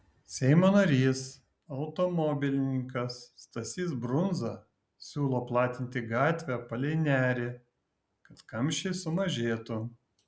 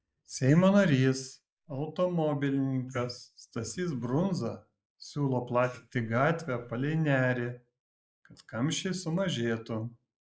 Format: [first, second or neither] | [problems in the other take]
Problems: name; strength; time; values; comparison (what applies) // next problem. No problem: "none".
first | noise reduction (neural mask model Resemble Enhance denoiser)